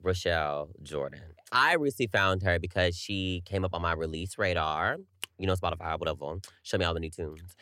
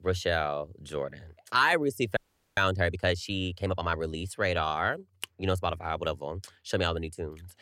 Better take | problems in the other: first | audio freezing; at 2 s

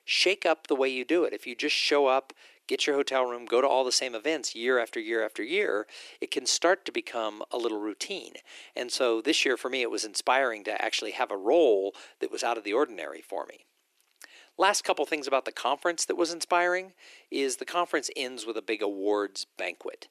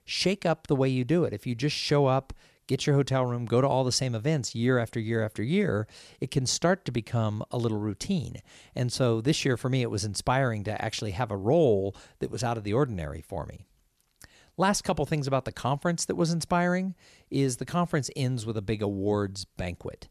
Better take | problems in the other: second | thin; very; fading below 300 Hz

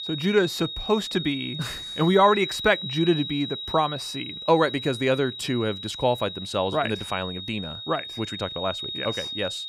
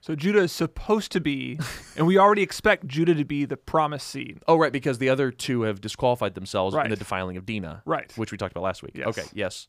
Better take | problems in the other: second | high-pitched whine; loud; throughout; 4 kHz, 7 dB below the speech

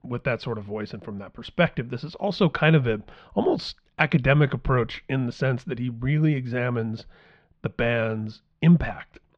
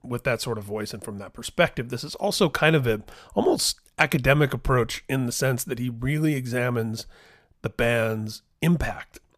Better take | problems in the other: second | muffled; slightly; fading above 3.5 kHz

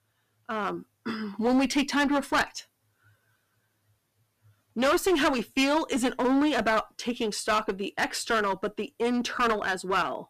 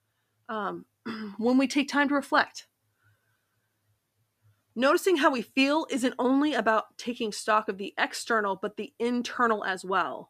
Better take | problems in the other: second | distortion; heavy; 9% of the sound clipped

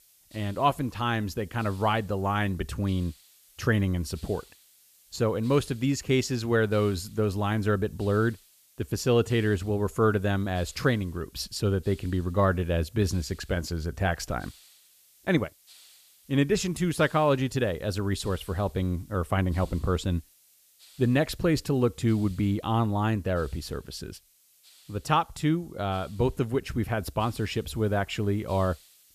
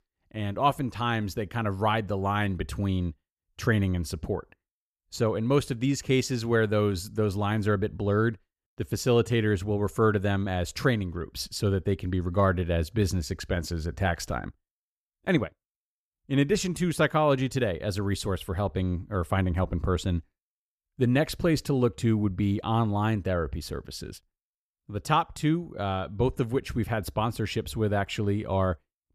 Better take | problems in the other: second | hiss; faint; throughout; 25 dB below the speech

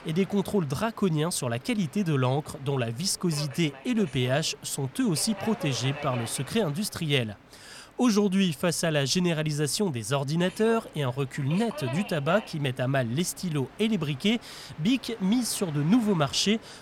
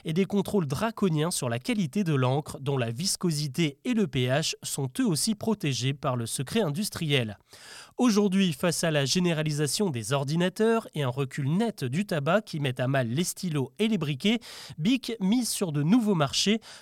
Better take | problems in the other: second | train or aircraft noise; noticeable; throughout; 15 dB below the speech

